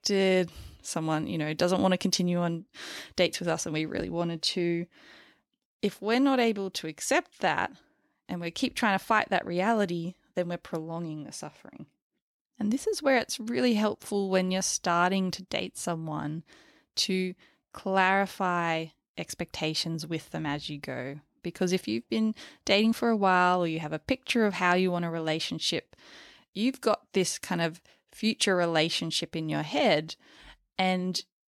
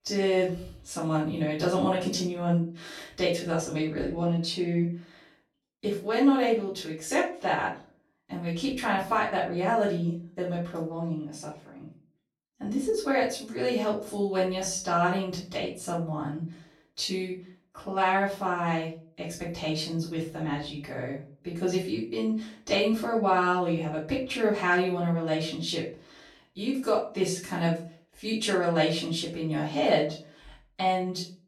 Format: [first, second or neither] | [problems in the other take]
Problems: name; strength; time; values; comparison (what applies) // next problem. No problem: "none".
first | room echo; noticeable; dies away in 0.3 s // off-mic speech; far